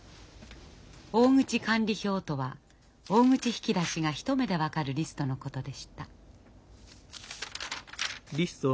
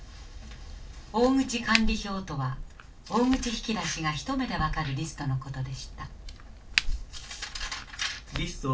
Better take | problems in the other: first | background sound (Crack); 5 dB below the speech // room echo; dies away in 0.2 s

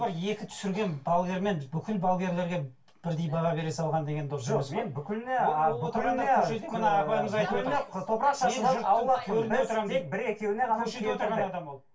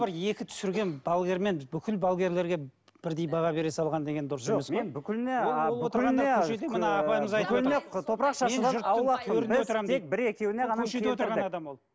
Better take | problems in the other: second | room echo; dies away in 0.2 s

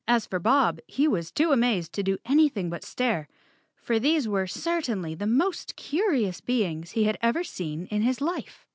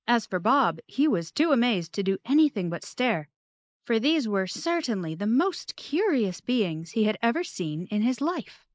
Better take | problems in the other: first | noise reduction (neural mask model Resemble Enhance denoiser)

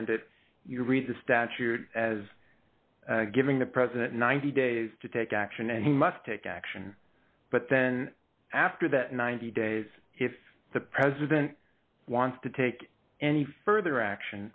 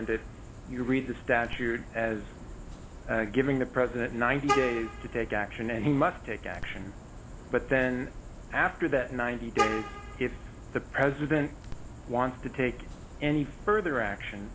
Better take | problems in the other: first | background sound (Vehicle horn, car horn, honking); 9 dB below the speech

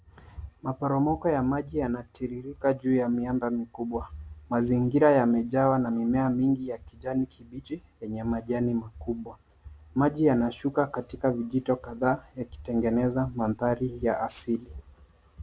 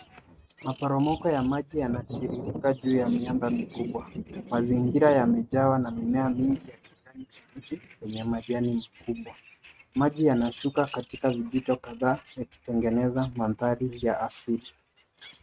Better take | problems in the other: first | noise reduction (neural mask model RNNoise)

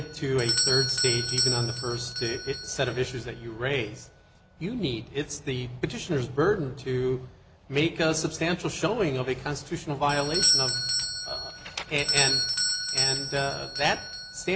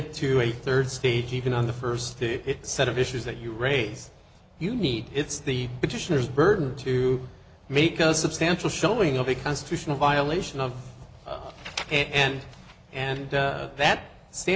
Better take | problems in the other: second | background sound (Doorbell); 2 dB below the speech

